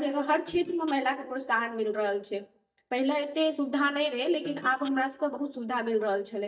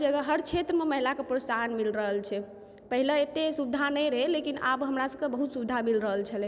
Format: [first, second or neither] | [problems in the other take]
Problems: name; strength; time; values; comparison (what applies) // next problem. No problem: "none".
second | noise reduction (neural mask model DeepFilterNet 3)